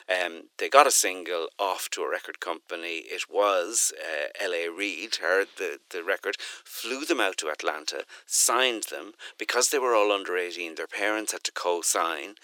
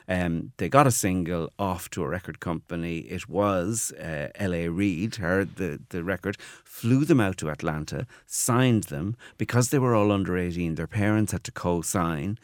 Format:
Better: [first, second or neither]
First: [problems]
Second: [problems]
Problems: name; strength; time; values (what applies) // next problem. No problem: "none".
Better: second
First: thin; very; fading below 400 Hz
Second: none